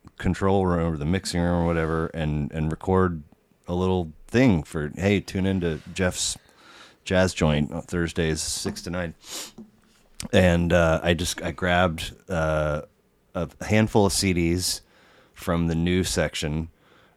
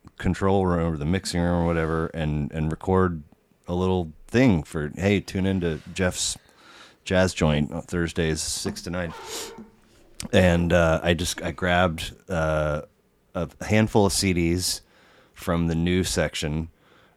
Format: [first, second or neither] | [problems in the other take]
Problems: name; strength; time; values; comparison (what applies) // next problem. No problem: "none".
first | dog barking; faint; from 9 to 11 s; peak 15 dB below the speech